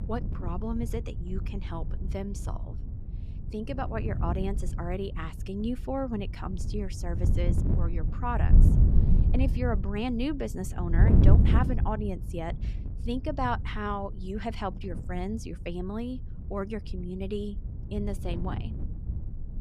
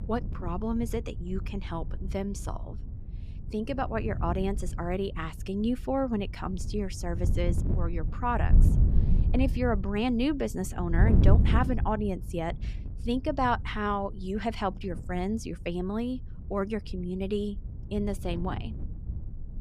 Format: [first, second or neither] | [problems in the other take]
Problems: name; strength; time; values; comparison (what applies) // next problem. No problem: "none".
second | wind noise on the microphone; heavy; 7 dB below the speech; occasional gusts in the second